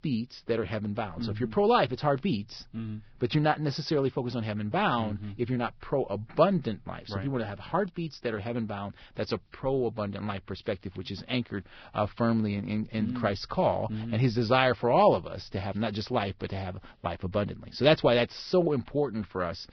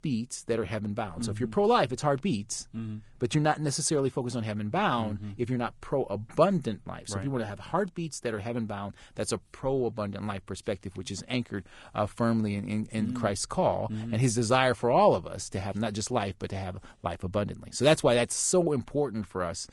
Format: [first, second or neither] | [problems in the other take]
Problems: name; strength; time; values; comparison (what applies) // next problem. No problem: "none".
second | garbled, watery; badly; nothing above 5.5 kHz; slightly in the second